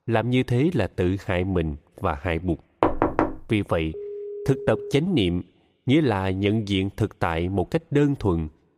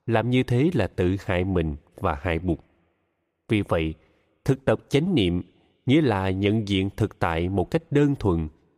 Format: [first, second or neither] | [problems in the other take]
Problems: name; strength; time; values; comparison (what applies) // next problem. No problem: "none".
second | door banging; loud; at 3 s; peak 1 dB above the speech // phone ringing; noticeable; at 4 s; peak 10 dB below the speech